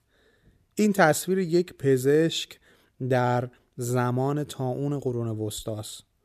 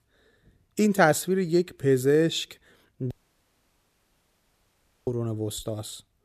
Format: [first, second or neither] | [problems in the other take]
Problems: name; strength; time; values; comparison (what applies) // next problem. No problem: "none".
first | audio cutting out; at 3 s for 2 s